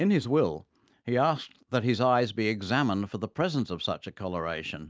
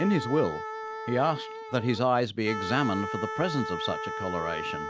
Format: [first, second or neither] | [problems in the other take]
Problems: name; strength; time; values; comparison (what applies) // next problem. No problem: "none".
first | background sound (Wind instrument, woodwind instrument); 6 dB below the speech